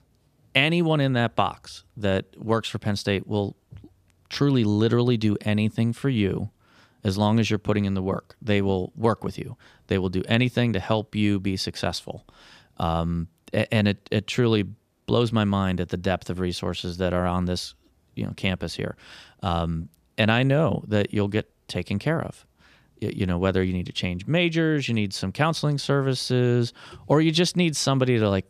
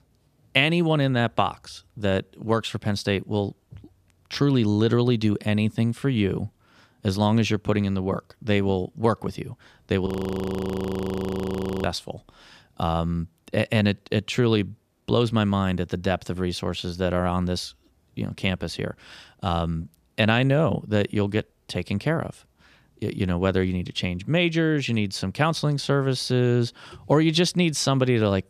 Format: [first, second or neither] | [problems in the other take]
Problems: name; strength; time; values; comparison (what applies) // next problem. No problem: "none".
first | audio freezing; at 10 s for 2 s